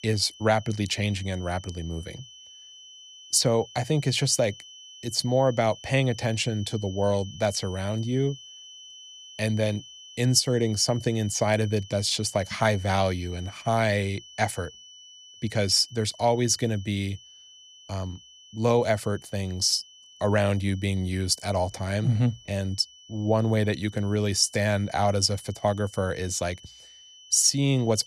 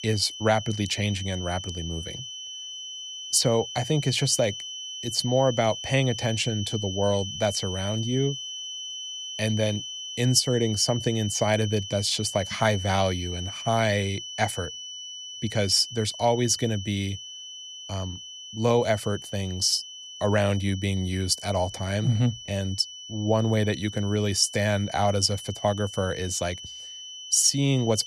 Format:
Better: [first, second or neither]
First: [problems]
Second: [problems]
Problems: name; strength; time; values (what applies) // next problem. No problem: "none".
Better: first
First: high-pitched whine; faint; throughout; 3 kHz, 20 dB below the speech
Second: high-pitched whine; loud; throughout; 3 kHz, 10 dB below the speech